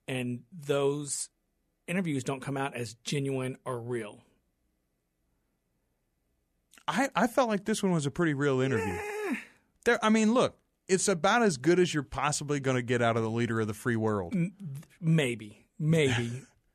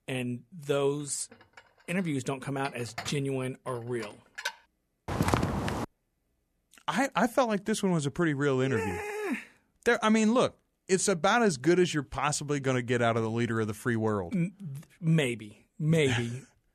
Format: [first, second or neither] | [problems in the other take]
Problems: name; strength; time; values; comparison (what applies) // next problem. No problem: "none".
first | clattering dishes; noticeable; from 1.5 to 4.5 s; peak 8 dB below the speech // footsteps; loud; at 5 s; peak 1 dB above the speech